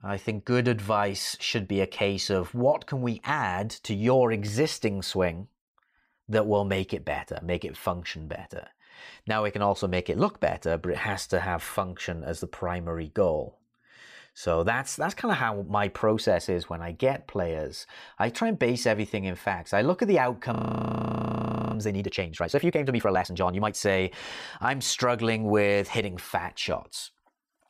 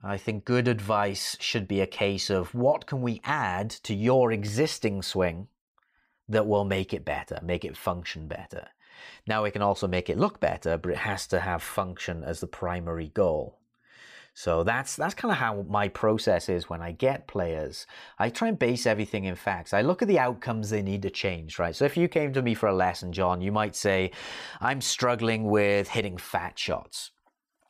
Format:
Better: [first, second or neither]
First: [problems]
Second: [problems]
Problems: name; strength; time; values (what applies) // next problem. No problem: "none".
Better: second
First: audio freezing; at 21 s for 1 s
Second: none